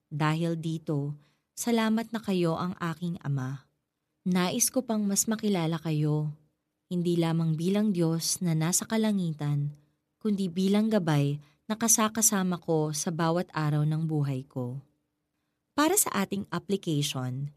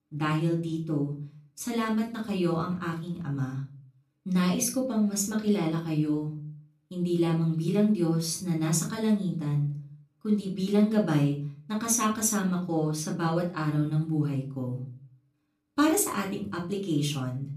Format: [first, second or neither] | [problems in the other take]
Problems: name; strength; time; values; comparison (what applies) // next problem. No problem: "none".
first | off-mic speech; far // room echo; slight; dies away in 0.3 s